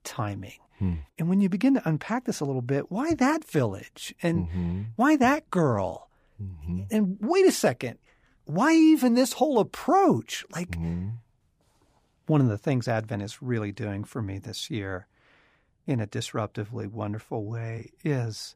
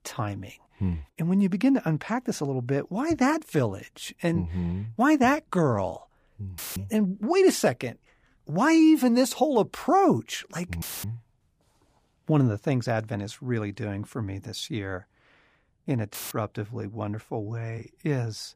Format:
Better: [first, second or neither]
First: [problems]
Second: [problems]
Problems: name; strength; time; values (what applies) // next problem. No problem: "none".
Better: first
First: none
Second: audio cutting out; filled with static; at 6.5 s, at 11 s and at 16 s